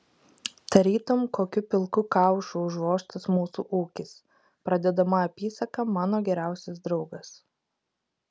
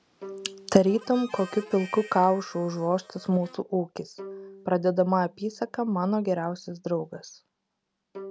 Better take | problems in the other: first | background sound (Harmonica + Bowed string instrument); 19 dB below the speech

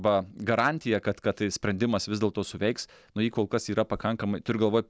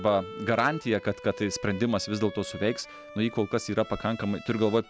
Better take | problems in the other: first | background sound (Bowed string instrument); 15 dB below the speech

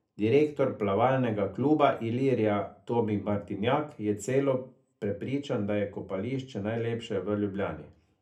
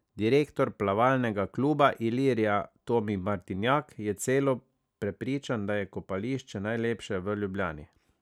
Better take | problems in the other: second | room echo; dies away in 0.3 s

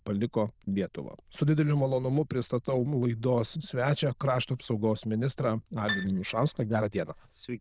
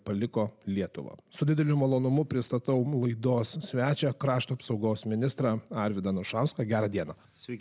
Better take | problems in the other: second | noise reduction (neural diffusion model UNIVERSE++)

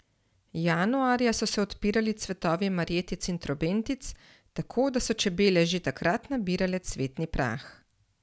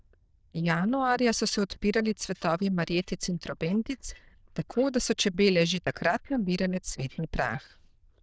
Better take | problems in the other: first | noise reduction (neural diffusion model UNIVERSE++)

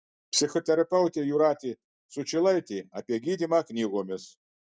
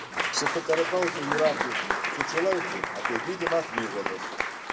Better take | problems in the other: first | background sound (Applause / Crowd); as loud as the speech // room echo; dies away in 0.8 s

